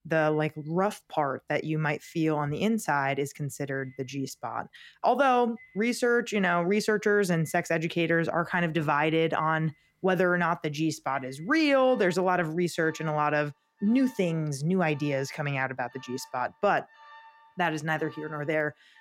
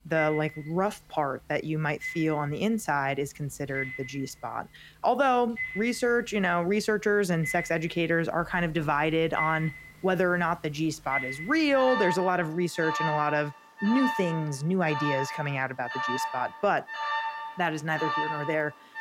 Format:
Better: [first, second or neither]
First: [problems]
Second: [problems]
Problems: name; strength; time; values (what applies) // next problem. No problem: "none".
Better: first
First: alarms or sirens; faint; throughout; 25 dB below the speech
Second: alarms or sirens; loud; throughout; 6 dB below the speech